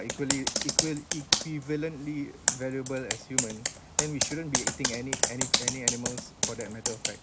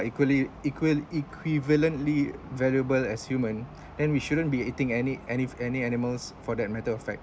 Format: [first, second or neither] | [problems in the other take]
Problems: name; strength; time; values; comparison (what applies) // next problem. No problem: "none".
second | background sound (Computer keyboard); 5 dB above the speech